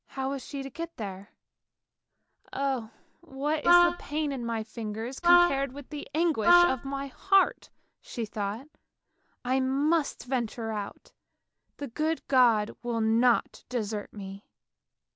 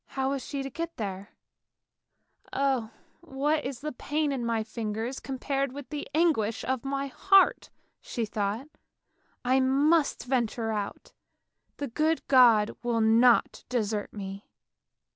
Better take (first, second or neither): second